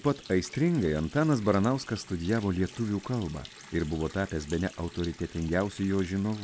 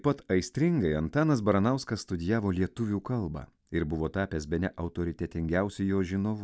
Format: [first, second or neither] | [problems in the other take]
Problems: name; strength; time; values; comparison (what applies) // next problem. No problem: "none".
second | background sound (Water tap, faucet); 20 dB below the speech